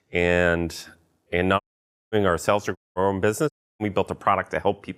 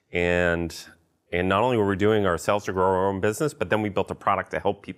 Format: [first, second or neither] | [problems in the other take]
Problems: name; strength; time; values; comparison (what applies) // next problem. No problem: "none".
second | audio cutting out; at 1.5 s for 0.5 s, at 3 s and at 3.5 s